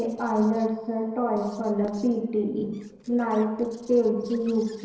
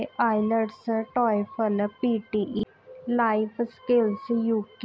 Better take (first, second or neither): second